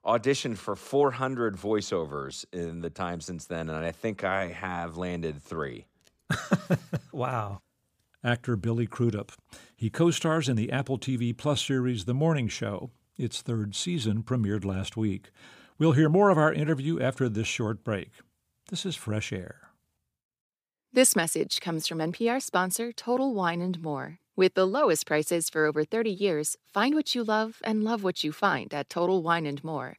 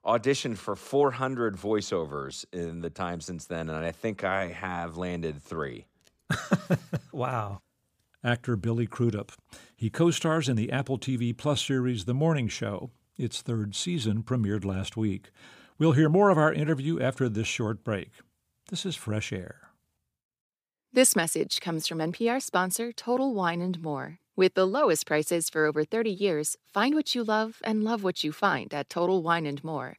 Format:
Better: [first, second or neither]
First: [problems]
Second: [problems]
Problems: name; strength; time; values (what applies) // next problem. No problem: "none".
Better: neither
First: none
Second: none